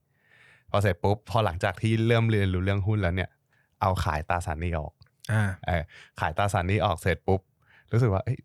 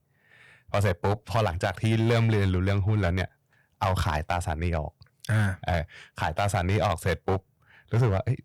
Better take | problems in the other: first | distortion; slight; 6% of the sound clipped

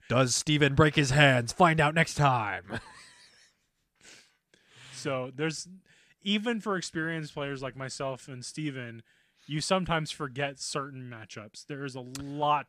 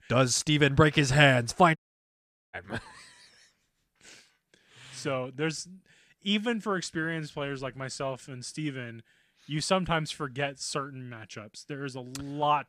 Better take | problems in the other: first | audio cutting out; at 2 s for 1 s

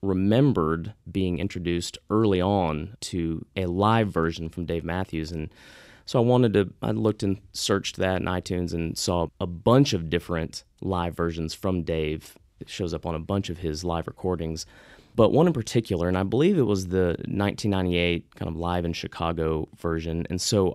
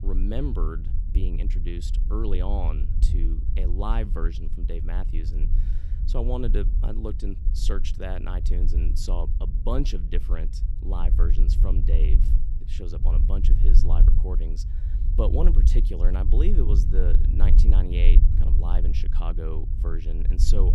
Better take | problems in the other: first | low rumble; loud; throughout; 7 dB below the speech

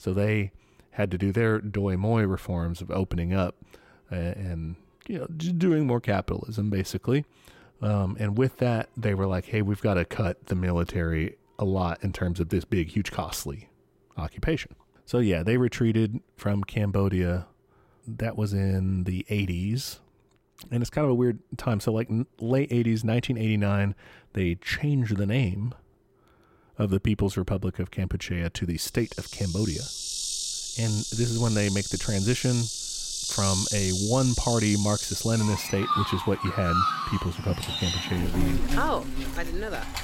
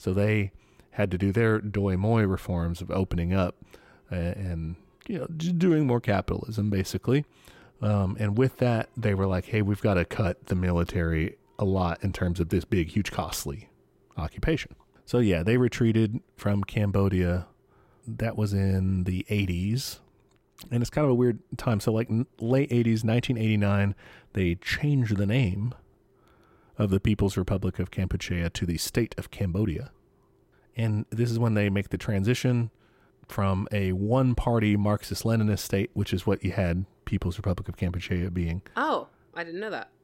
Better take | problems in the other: second | animal sounds; loud; from 29 s on; 3 dB below the speech

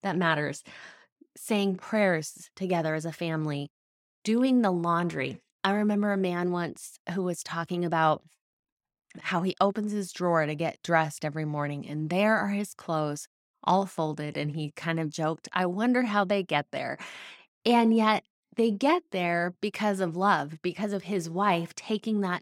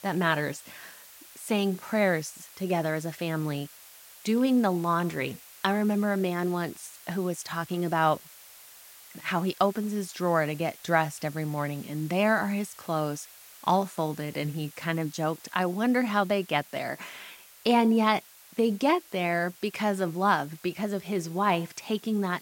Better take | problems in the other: first | hiss; noticeable; throughout; 20 dB below the speech

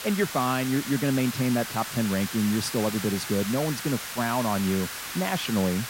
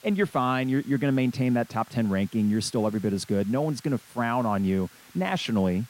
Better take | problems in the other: second | hiss; loud; throughout; 6 dB below the speech; faint in the second

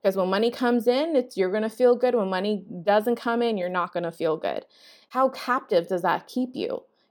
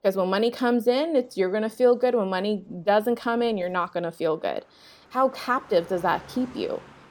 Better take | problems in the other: first | traffic noise; faint; throughout; 25 dB below the speech

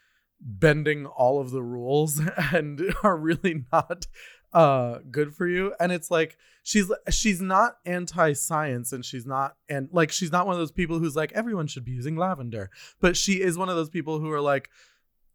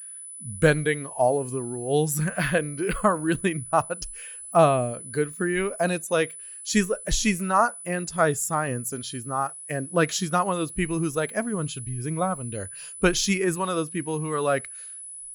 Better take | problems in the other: first | high-pitched whine; noticeable; throughout; 10 kHz, 10 dB below the speech

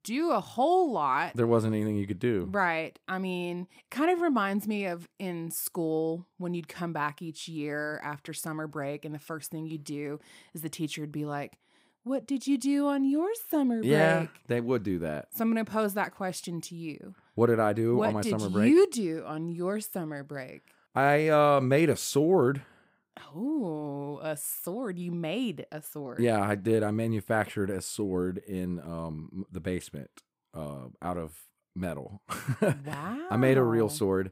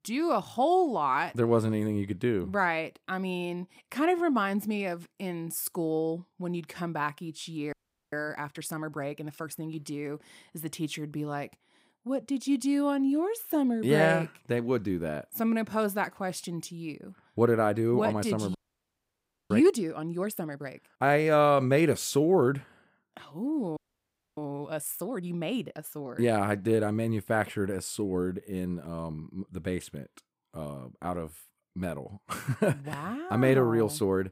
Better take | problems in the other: first | audio freezing; at 7.5 s, at 19 s for 1 s and at 24 s for 0.5 s

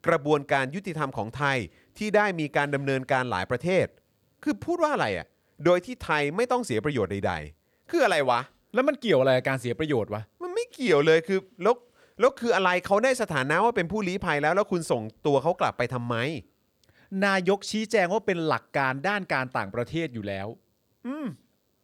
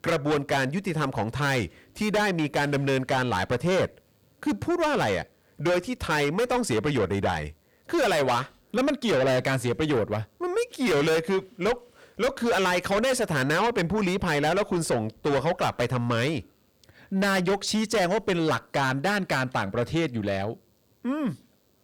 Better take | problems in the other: first | distortion; heavy; 6 dB below the speech

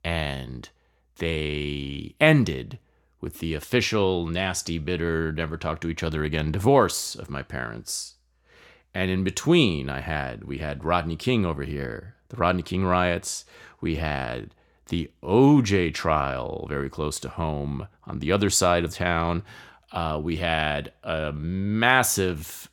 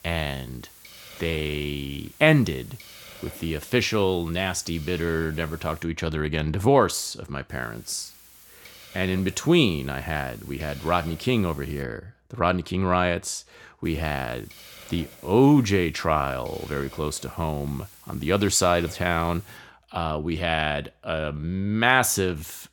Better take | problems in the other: first | hiss; faint; until 6 s, from 7.5 to 12 s and from 14 to 20 s; 20 dB below the speech

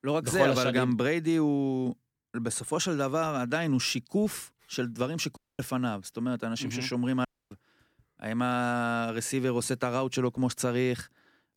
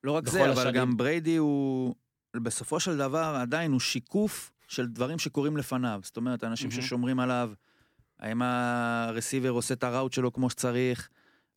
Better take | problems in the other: second | audio cutting out; at 5.5 s and at 7.5 s

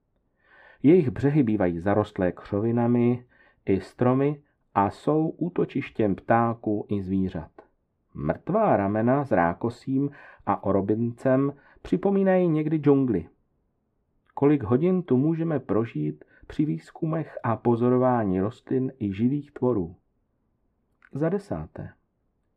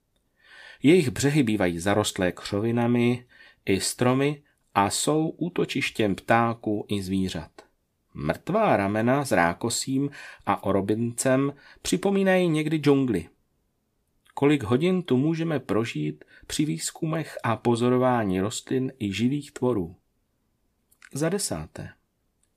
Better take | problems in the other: second | muffled; very; fading above 3 kHz

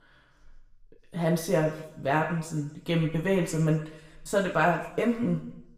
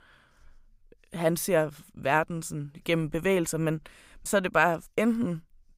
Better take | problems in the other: second | room echo; slight; dies away in 0.8 s // off-mic speech; far

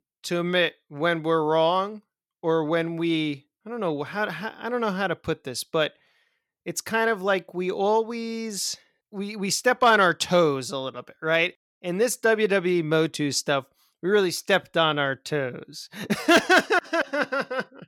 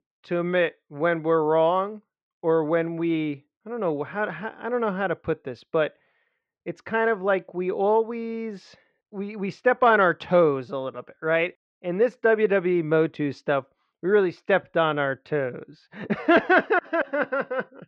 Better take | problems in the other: first | muffled; very; fading above 2.5 kHz

